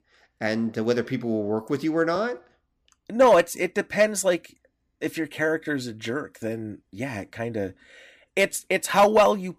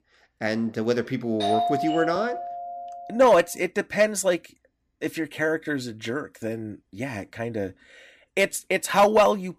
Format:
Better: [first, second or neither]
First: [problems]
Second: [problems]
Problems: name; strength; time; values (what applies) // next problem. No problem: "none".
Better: first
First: none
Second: doorbell; loud; from 1.5 to 3 s; peak level with the speech